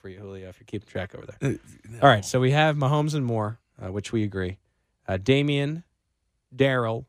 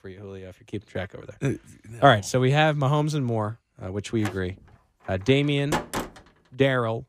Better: first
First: none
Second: door banging; noticeable; from 4.5 to 6 s; peak 4 dB below the speech

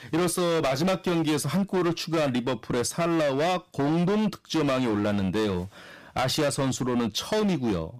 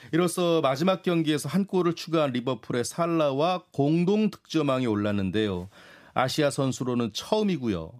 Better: second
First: distortion; heavy; 24% of the sound clipped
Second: none

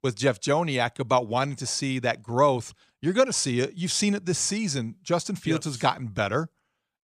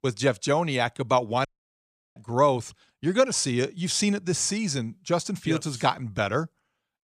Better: first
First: none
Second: audio cutting out; at 1.5 s for 0.5 s

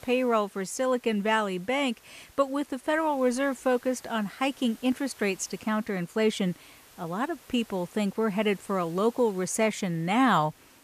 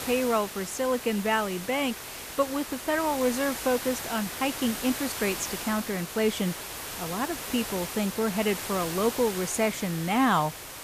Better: first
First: hiss; faint; throughout; 25 dB below the speech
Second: hiss; loud; throughout; 7 dB below the speech

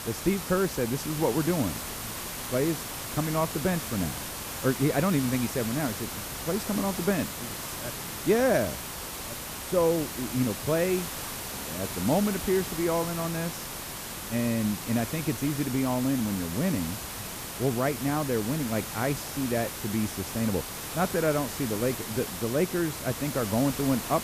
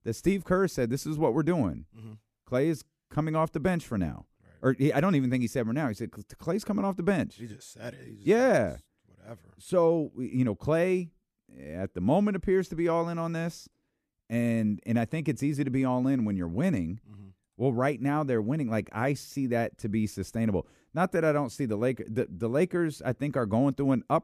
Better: second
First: hiss; loud; throughout; 6 dB below the speech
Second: none

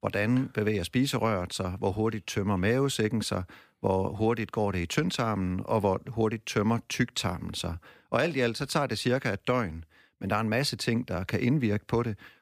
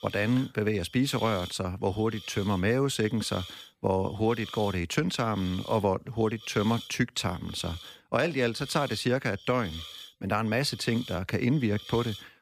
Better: first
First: none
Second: hiss; noticeable; throughout; 15 dB below the speech

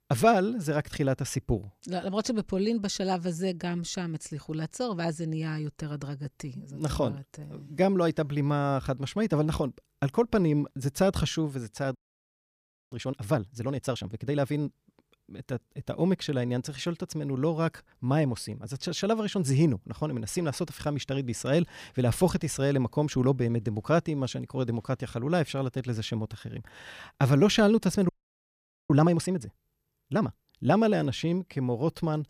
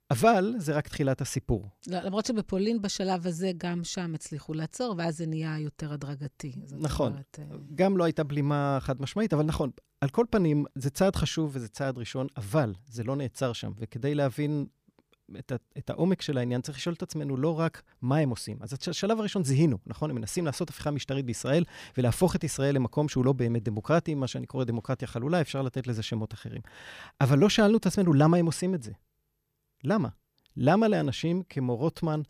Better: second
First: audio freezing; at 12 s for 1 s and at 28 s for 1 s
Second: none

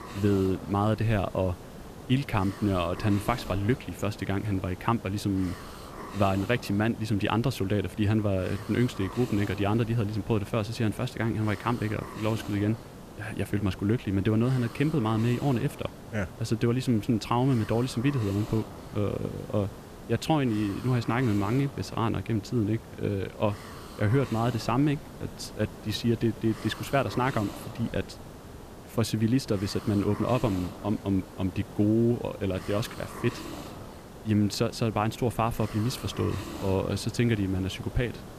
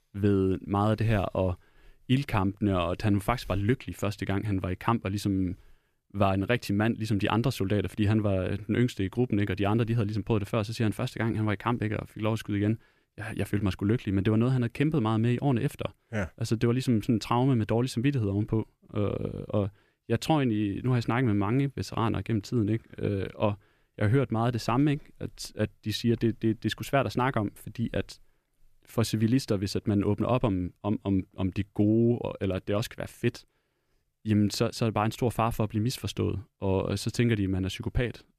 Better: second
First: hiss; noticeable; throughout; 15 dB below the speech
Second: none

